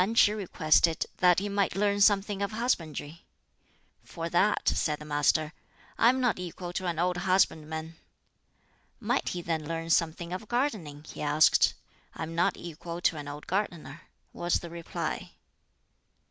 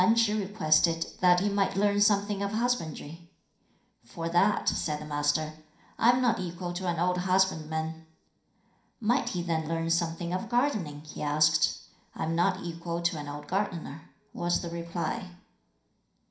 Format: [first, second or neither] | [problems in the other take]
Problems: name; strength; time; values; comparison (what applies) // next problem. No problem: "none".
first | room echo; dies away in 0.5 s